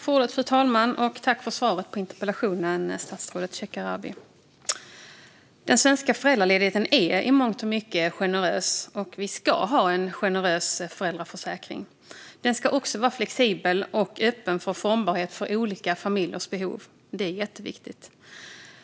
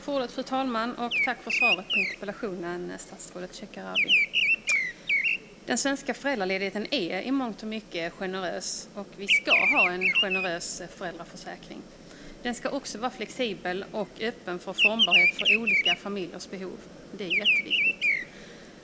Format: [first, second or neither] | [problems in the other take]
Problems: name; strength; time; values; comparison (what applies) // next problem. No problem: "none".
first | background sound (Bird vocalization, bird call, bird song); 4 dB above the speech